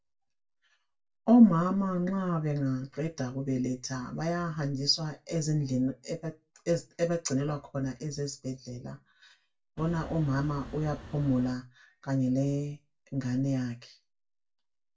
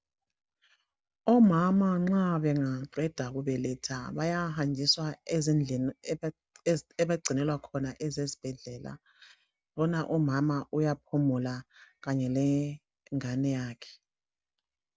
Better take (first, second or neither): second